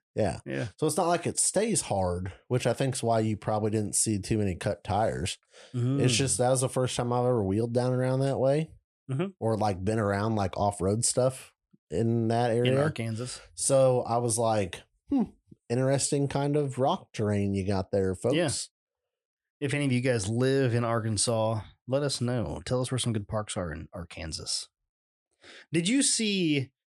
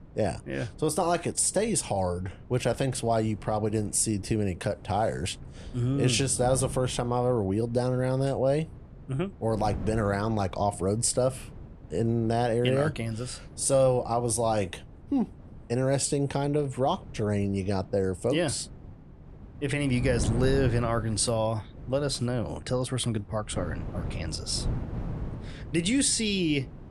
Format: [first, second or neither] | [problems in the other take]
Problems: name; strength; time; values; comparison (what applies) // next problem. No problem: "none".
first | wind noise on the microphone; occasional gusts; 20 dB below the speech